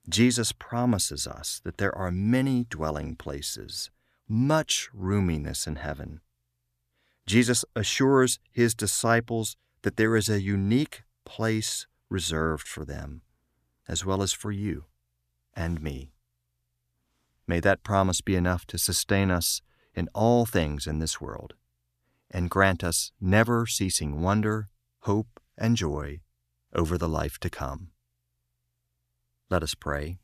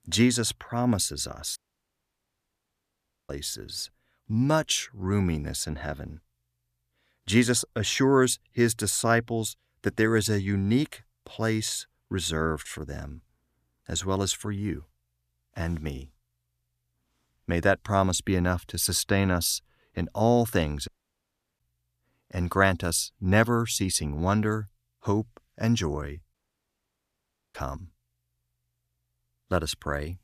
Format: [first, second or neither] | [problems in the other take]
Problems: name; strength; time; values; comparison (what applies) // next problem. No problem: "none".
first | audio cutting out; at 1.5 s for 1.5 s, at 21 s for 0.5 s and at 26 s for 1 s